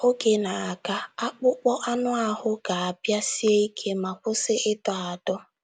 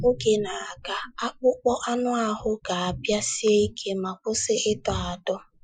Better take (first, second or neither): first